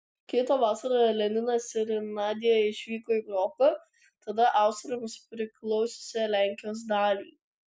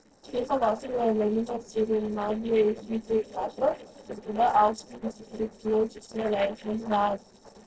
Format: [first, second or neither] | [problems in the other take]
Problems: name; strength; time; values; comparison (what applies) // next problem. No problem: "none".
first | noise reduction (neural separator model SepFormer DNS4)